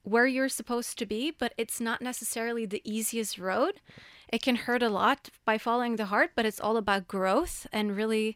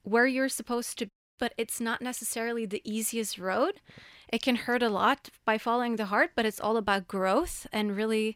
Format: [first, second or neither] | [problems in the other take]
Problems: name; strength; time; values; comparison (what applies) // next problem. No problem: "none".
first | audio cutting out; at 1 s